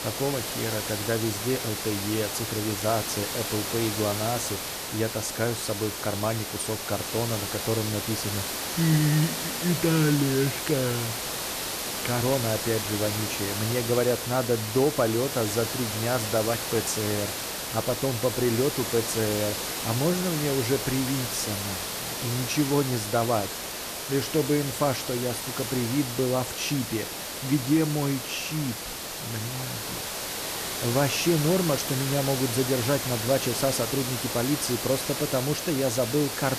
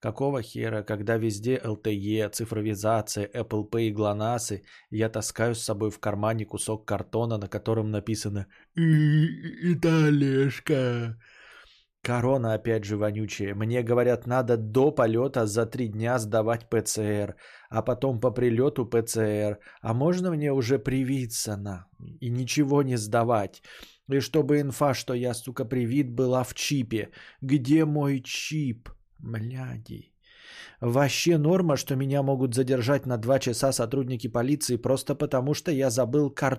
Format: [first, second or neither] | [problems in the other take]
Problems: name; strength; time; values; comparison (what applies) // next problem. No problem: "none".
second | hiss; loud; throughout; 2 dB below the speech